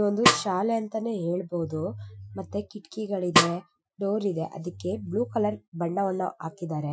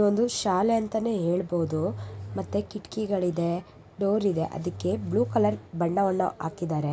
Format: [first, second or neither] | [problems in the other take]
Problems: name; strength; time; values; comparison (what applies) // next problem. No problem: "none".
second | noise reduction (classical method Wiener filter)